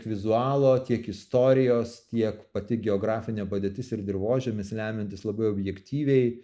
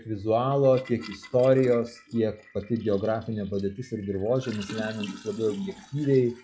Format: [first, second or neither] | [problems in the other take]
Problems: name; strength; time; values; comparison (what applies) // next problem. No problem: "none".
first | noise reduction (classical method log-MMSE)